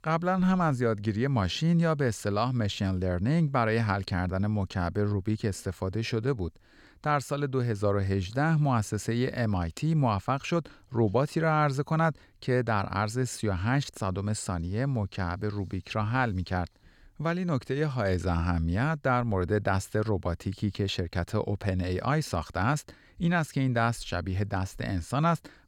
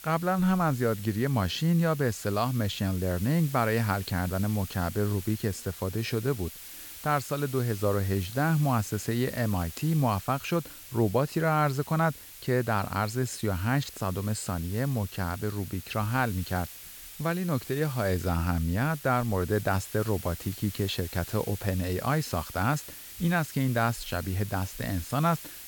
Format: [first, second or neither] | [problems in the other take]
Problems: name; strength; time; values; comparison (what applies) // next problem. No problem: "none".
first | hiss; noticeable; throughout; 15 dB below the speech